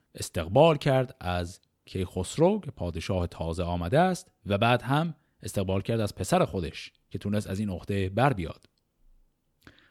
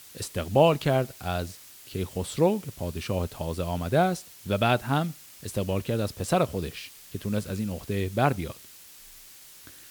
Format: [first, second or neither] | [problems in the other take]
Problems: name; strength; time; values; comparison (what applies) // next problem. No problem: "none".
first | hiss; noticeable; throughout; 20 dB below the speech